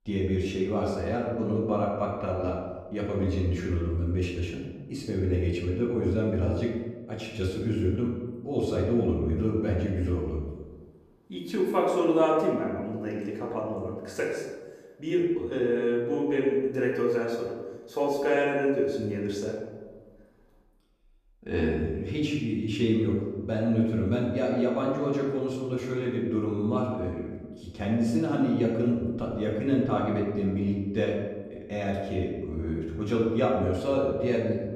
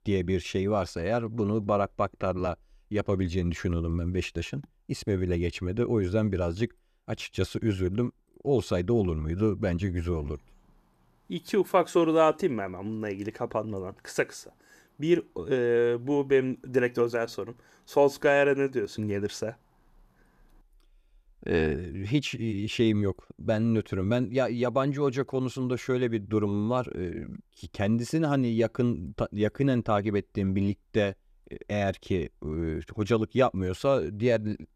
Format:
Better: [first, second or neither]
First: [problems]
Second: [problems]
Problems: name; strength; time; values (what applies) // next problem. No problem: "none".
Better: second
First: room echo; noticeable; dies away in 1.1 s // off-mic speech; far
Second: none